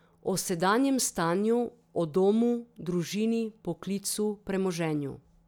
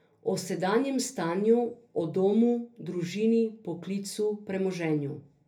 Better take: first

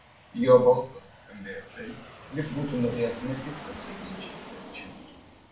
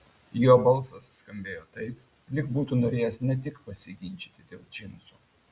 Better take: second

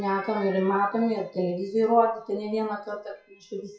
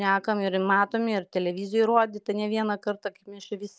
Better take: second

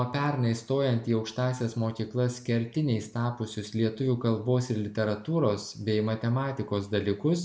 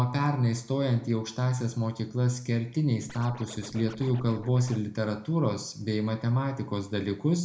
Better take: first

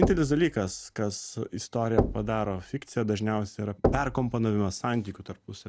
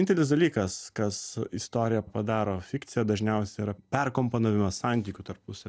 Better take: second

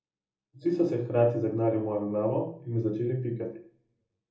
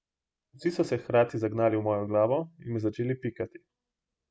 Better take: second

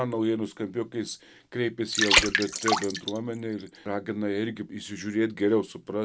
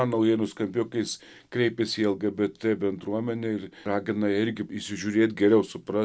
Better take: second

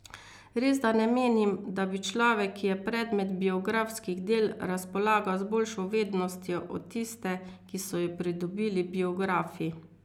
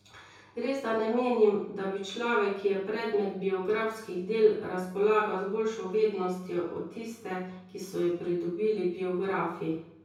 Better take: first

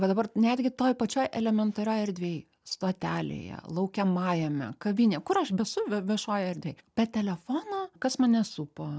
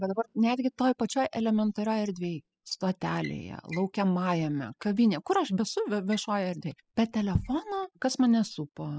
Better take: first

